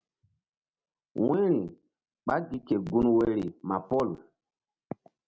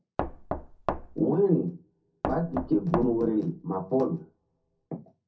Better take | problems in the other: first | background sound (Knock); 5 dB below the speech // room echo; dies away in 0.3 s

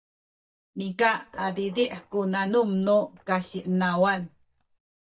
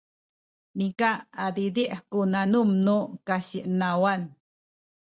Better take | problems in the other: second | noise reduction (neural mask model DeepFilterNet 3)

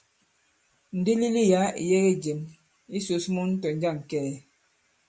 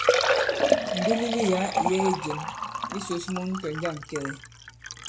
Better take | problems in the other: first | background sound (Liquid); 3 dB above the speech

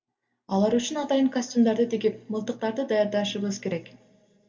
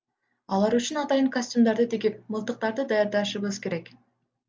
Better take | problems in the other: second | room echo; dies away in 1.2 s

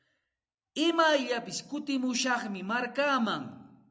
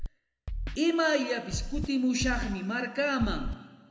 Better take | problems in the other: first | background sound (Scratching (performance technique)); 7 dB below the speech // room echo; dies away in 1.4 s

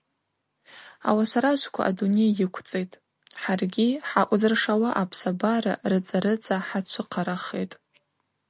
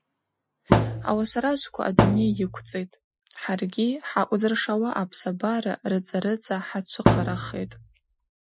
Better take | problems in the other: first | noise reduction (classical method Wiener filter)

